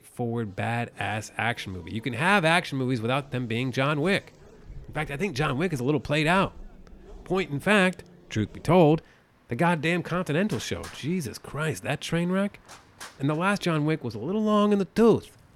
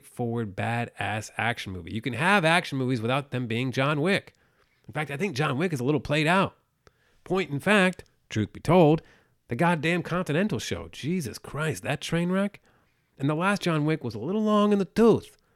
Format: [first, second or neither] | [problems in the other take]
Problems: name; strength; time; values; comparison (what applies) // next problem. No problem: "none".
second | traffic noise; faint; throughout; 25 dB below the speech